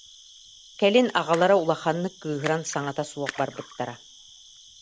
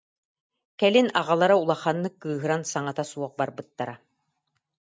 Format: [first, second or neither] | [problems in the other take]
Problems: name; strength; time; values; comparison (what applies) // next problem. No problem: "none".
second | background sound (Cricket + Splash, splatter); 17 dB below the speech